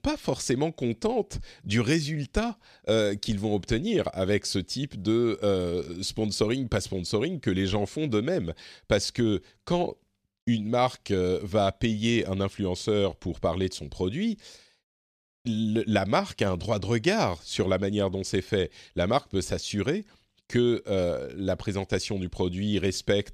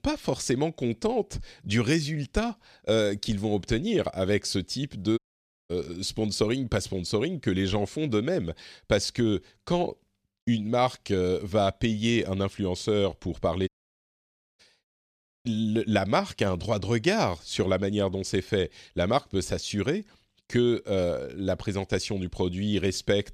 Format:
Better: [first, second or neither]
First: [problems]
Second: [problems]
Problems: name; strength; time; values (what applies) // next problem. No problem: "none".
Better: first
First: none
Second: audio cutting out; at 5 s for 0.5 s and at 14 s for 1 s